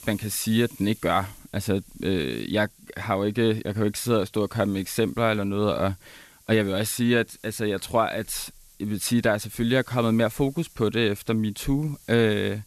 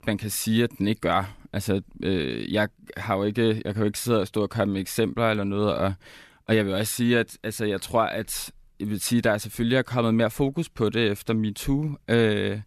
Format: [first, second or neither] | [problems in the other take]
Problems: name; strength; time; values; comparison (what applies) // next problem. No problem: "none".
second | hiss; faint; throughout; 25 dB below the speech